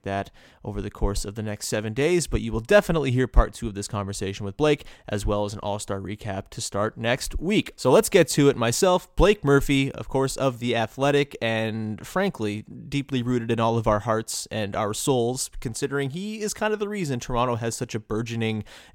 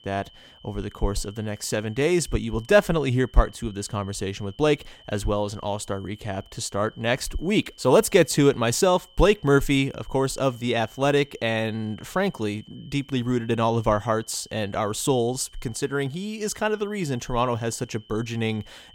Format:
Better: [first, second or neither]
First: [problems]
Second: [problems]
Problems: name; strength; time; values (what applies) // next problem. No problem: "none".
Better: first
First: none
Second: high-pitched whine; faint; throughout; 3 kHz, 25 dB below the speech